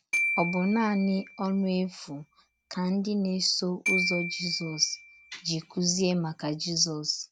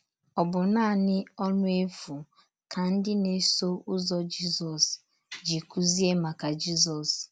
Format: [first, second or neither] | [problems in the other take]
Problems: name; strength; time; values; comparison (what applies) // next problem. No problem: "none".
second | background sound (Glockenspiel); 7 dB below the speech